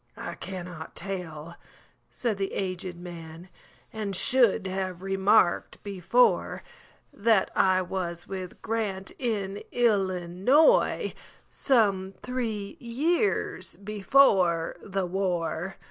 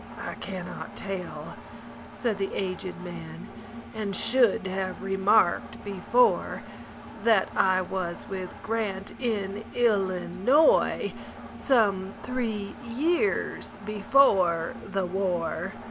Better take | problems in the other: first | background sound (Engine); 14 dB below the speech

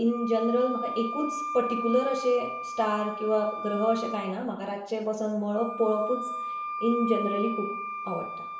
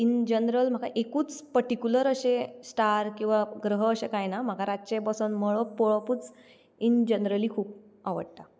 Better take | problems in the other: second | background sound (Wind instrument, woodwind instrument); 7 dB below the speech // room echo; dies away in 0.6 s

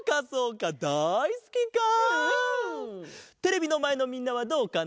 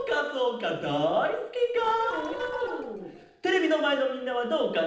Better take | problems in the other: first | noise reduction (neural separator model SepFormer DNS4)

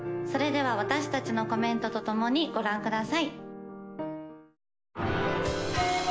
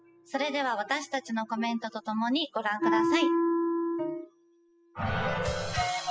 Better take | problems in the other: first | noise reduction (classical method spectral subtraction)

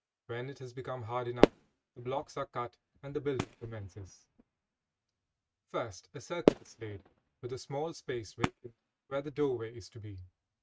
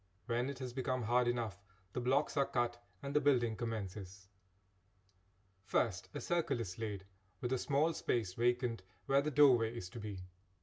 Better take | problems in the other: second | noise reduction (neural mask model RNNoise)

